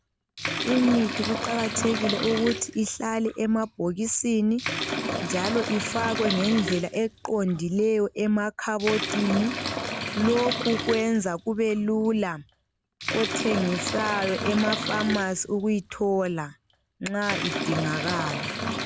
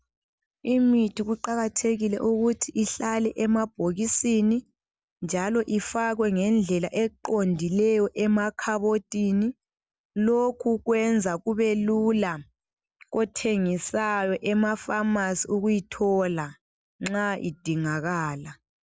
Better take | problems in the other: second | background sound (Bathtub (filling or washing) / Liquid); 6 dB below the speech

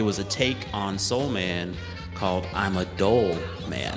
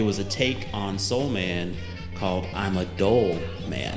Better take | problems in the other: first | background sound (Writing); 14 dB below the speech // room echo; dies away in 1.6 s

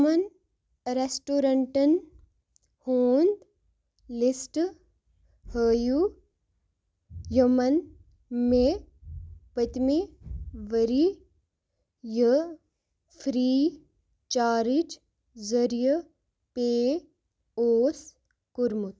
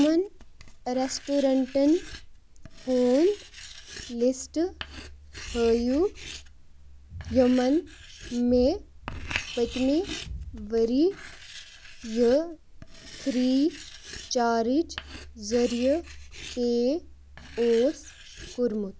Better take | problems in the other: first | background sound (Writing); 15 dB below the speech

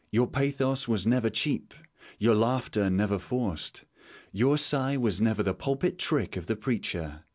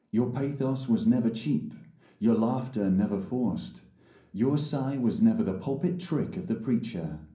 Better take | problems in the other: first | room echo; dies away in 0.6 s

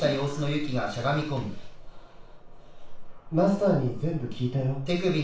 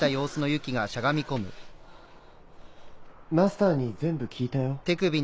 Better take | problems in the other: second | room echo; dies away in 0.4 s

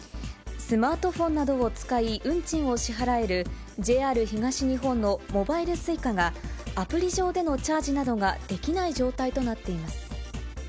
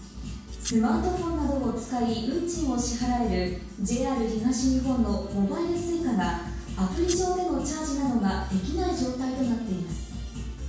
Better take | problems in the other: first | background sound (Domestic sounds, home sounds); 13 dB below the speech // room echo; dies away in 0.6 s

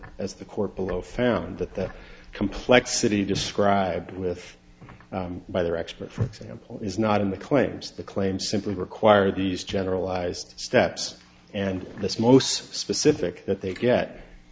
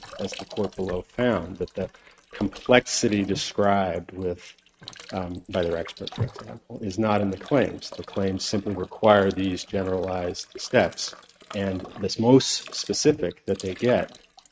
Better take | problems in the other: first | noise reduction (neural mask model RNNoise)

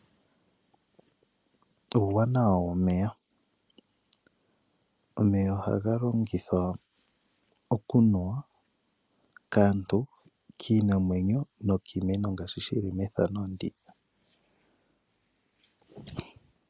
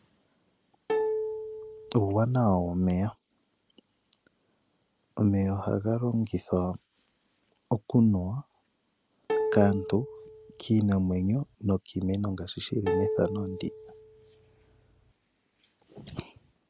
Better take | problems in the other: first | background sound (Plucked string instrument); 4 dB below the speech

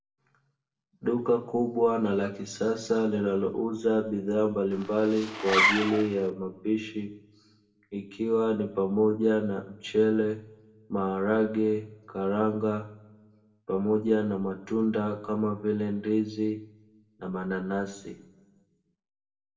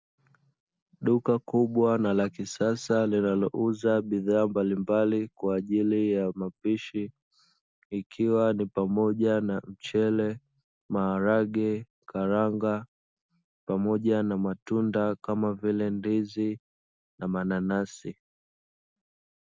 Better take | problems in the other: second | background sound (Zipper (clothing)); as loud as the speech // room echo; dies away in 0.6 s

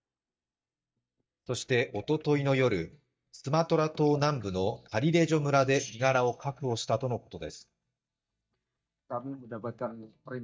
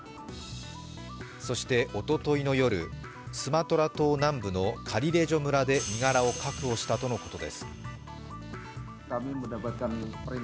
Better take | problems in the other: second | noise reduction (neural mask model DeepFilterNet 3)

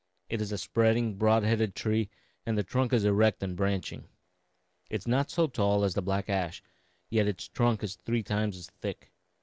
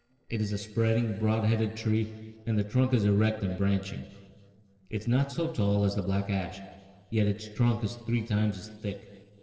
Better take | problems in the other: first | noise reduction (neural separator model SepFormer DNS4)

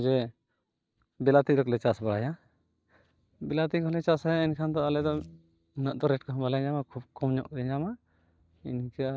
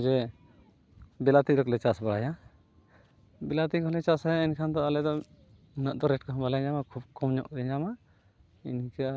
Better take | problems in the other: second | noise reduction (neural mask model DeepFilterNet 3)

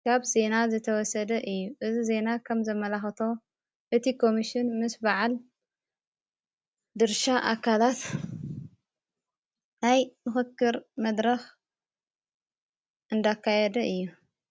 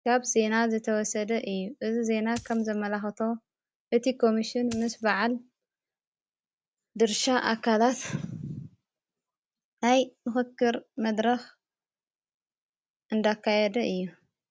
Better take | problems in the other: first | background sound (Coin (dropping)); 18 dB below the speech

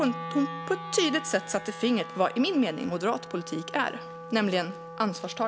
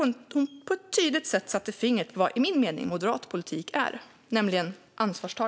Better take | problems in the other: second | background sound (Wind instrument, woodwind instrument); 11 dB below the speech

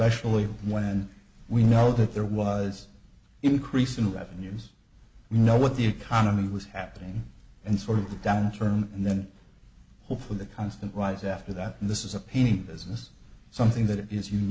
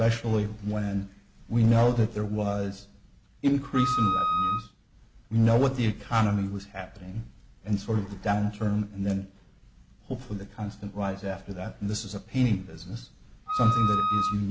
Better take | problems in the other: first | background sound (Wind instrument, woodwind instrument); 1 dB above the speech

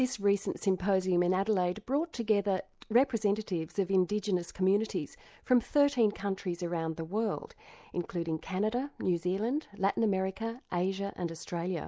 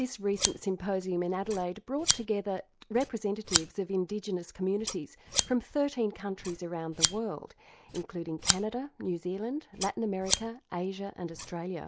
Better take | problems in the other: first | background sound (Scissors); 3 dB below the speech

